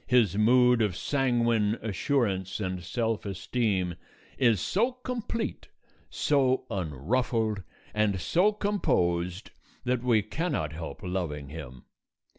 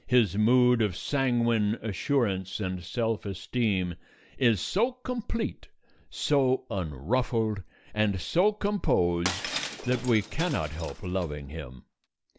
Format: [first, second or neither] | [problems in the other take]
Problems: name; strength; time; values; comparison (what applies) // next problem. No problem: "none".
first | background sound (Shatter); 11 dB below the speech